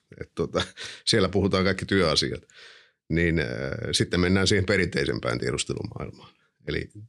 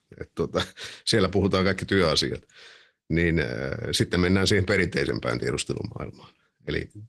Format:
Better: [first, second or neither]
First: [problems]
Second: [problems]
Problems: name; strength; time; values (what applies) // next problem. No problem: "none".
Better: first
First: none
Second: garbled, watery; slightly; nothing above 13.5 kHz